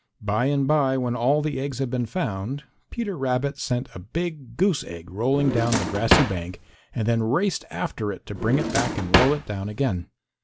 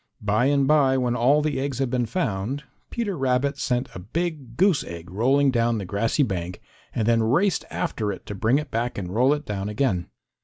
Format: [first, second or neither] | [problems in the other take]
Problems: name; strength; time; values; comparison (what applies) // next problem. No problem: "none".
second | background sound (Drawer open or close); as loud as the speech